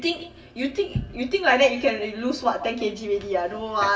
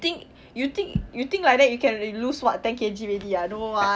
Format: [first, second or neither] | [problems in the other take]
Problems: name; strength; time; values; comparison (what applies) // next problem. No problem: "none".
second | room echo; dies away in 0.8 s